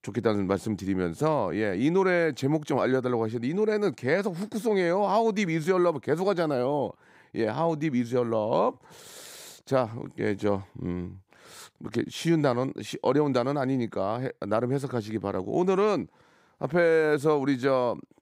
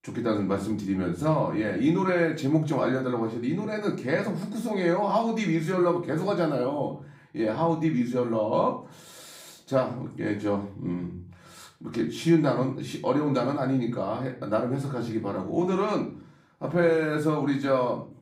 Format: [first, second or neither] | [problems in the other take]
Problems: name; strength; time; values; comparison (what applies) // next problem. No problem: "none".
first | room echo; slight; dies away in 0.4 s // off-mic speech; far